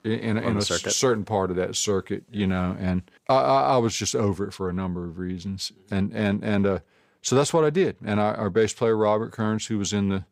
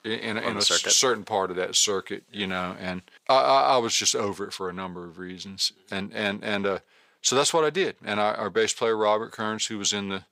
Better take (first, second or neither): first